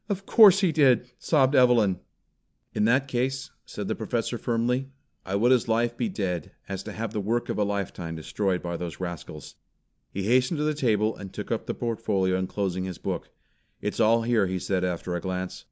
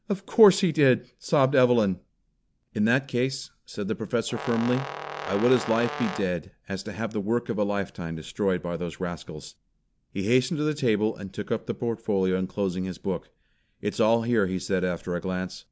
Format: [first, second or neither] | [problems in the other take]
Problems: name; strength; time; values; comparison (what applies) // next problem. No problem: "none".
first | background sound (Brass instrument); 9 dB below the speech